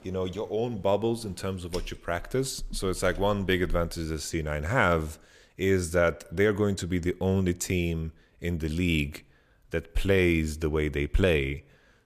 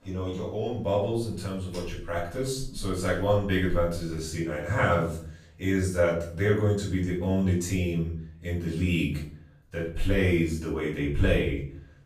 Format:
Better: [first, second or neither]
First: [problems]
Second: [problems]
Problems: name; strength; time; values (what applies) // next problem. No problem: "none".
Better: first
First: none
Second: off-mic speech; far // room echo; noticeable; dies away in 0.5 s